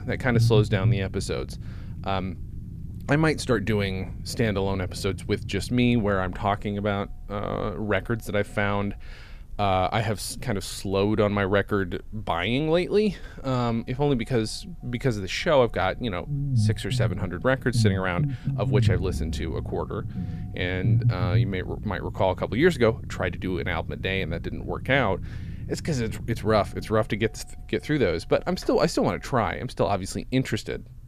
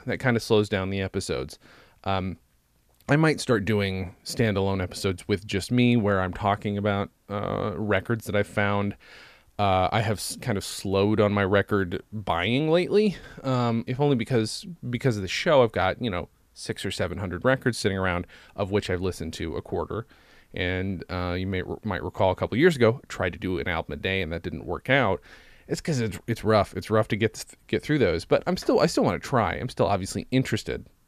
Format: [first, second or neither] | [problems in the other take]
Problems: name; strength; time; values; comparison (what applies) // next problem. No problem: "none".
second | low rumble; noticeable; throughout; 15 dB below the speech